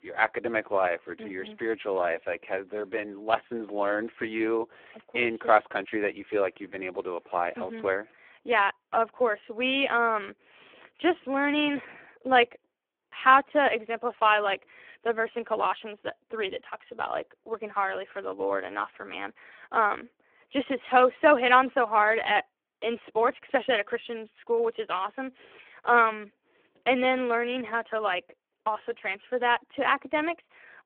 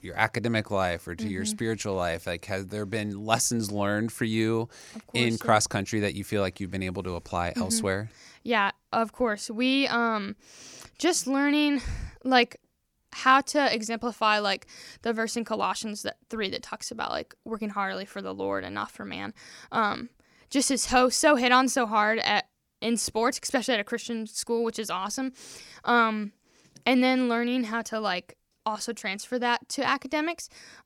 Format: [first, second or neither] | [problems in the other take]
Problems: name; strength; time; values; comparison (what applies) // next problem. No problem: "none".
second | phone-call audio; poor line